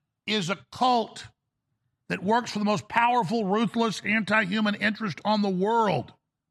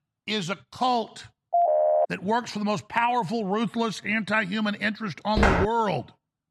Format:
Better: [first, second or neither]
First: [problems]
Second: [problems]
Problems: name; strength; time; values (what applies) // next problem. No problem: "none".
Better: first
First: none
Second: phone ringing; loud; at 1.5 s; peak 5 dB above the speech // footsteps; loud; at 5.5 s; peak 4 dB above the speech